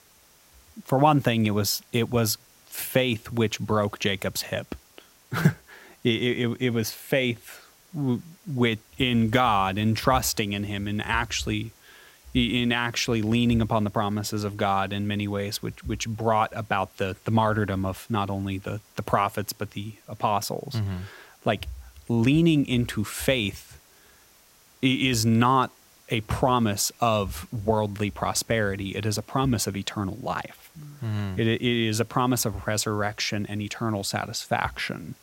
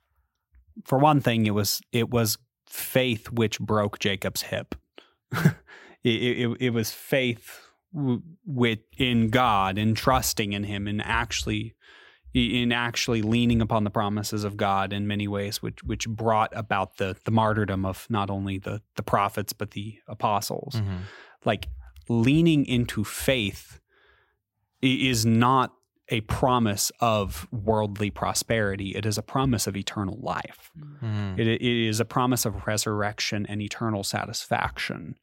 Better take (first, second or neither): second